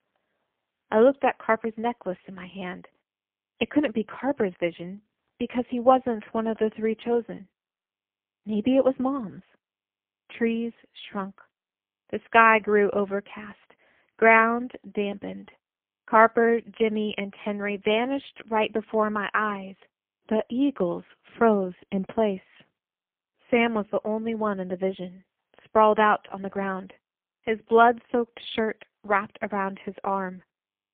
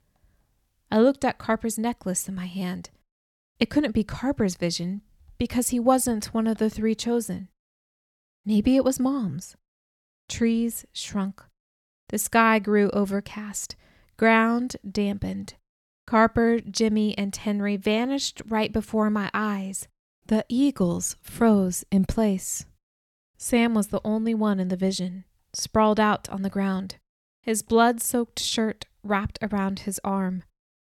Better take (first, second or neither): second